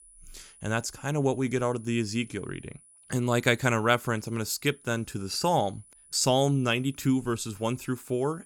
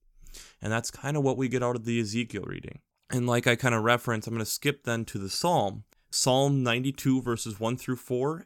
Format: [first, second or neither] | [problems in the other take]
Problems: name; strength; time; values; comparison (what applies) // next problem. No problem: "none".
second | high-pitched whine; faint; throughout; 10 kHz, 25 dB below the speech